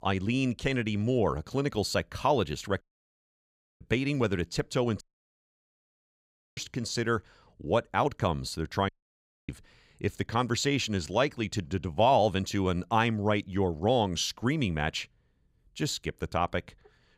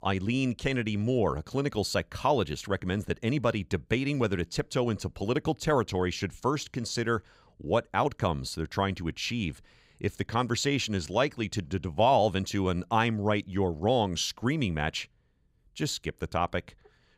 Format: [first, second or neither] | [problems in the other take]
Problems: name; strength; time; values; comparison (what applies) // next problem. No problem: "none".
second | audio cutting out; at 3 s for 1 s, at 5 s for 1.5 s and at 9 s for 0.5 s